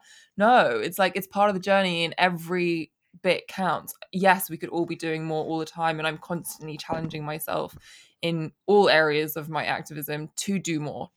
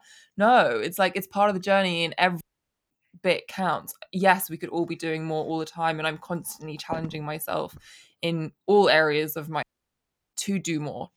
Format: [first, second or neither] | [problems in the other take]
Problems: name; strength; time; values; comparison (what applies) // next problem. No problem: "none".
first | audio cutting out; at 2.5 s for 0.5 s and at 9.5 s for 0.5 s